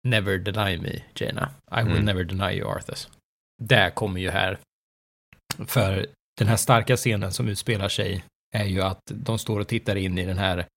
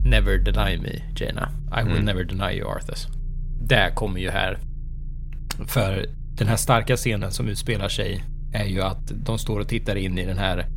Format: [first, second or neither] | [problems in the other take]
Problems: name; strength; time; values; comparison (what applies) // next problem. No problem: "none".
first | low rumble; faint; throughout; 25 dB below the speech